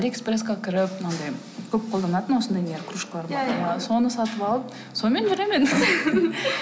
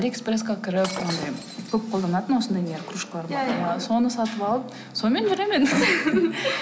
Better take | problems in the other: first | background sound (Shatter); 12 dB below the speech

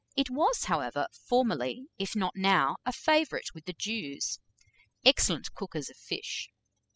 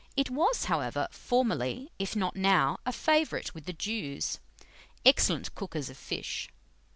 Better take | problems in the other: second | noise reduction (classical method spectral subtraction)

